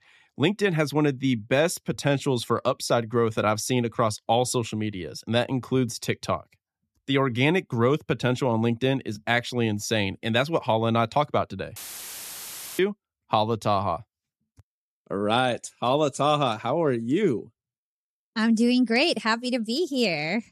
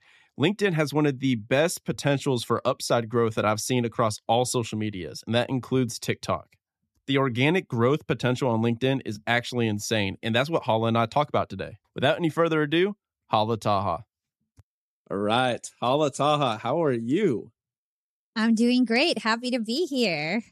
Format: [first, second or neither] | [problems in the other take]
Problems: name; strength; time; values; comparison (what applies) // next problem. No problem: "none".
second | audio cutting out; filled with static; at 12 s for 1 s